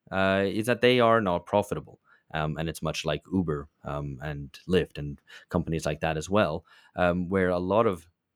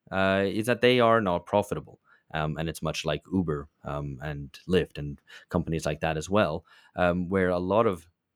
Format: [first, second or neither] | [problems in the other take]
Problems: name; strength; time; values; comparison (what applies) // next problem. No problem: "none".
neither | none